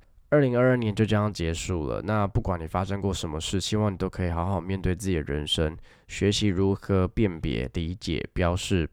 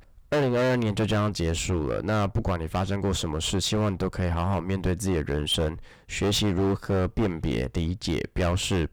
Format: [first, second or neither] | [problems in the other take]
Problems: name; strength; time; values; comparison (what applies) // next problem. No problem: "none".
first | distortion; heavy; 16% of the sound clipped